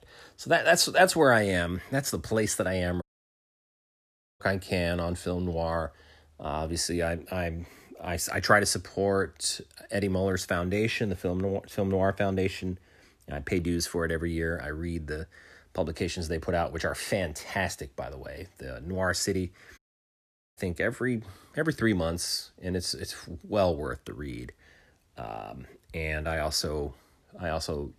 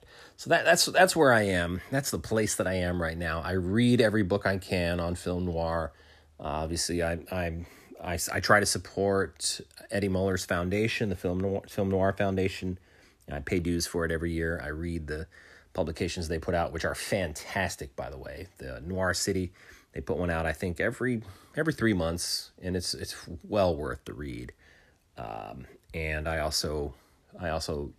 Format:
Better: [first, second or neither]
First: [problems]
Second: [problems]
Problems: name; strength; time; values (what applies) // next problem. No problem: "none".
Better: second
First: audio cutting out; at 3 s for 1.5 s and at 20 s for 1 s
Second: none